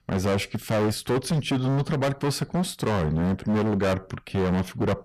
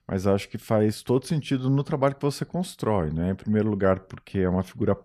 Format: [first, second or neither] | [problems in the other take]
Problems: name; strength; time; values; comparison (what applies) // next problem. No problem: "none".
second | distortion; heavy; 24% of the sound clipped